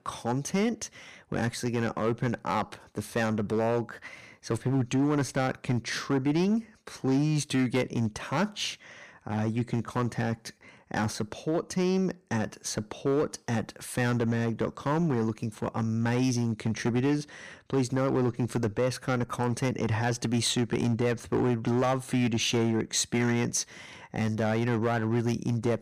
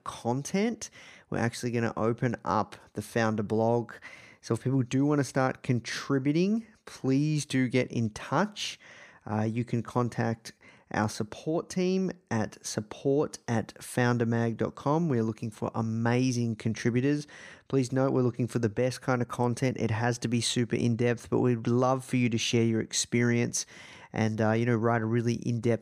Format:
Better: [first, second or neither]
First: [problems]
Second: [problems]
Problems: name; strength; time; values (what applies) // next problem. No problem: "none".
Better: second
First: distortion; slight; 6% of the sound clipped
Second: none